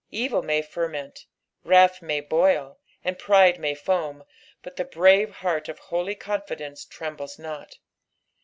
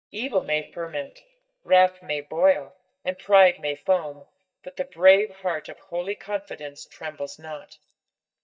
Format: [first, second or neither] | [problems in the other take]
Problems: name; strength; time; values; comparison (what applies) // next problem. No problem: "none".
first | noise reduction (neural mask model DeepFilterNet 3)